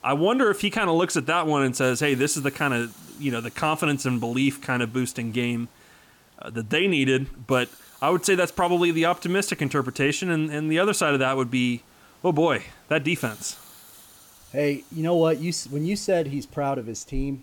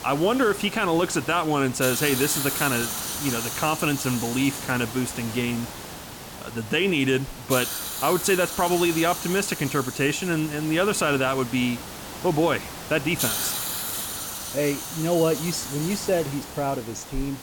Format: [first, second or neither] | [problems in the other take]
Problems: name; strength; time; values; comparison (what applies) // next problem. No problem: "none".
first | hiss; loud; throughout; 6 dB below the speech; faint in the first